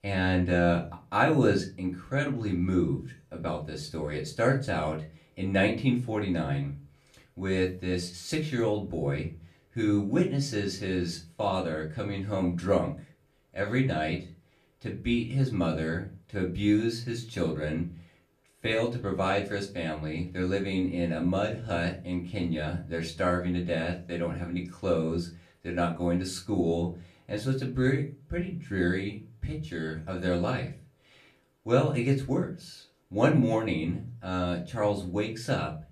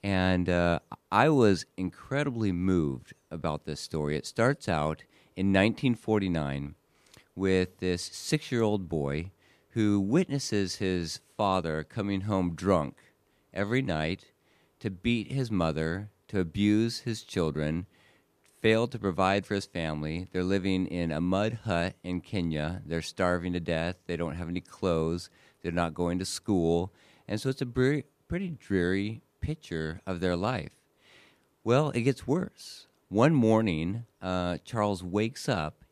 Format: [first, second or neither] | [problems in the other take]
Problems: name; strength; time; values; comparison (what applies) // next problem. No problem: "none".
second | off-mic speech; far // room echo; very slight; dies away in 0.3 s